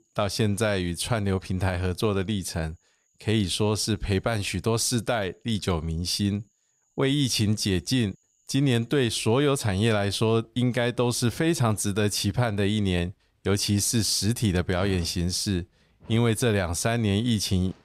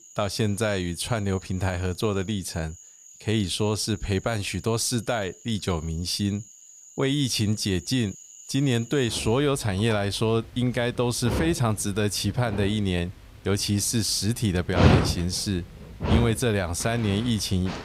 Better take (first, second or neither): first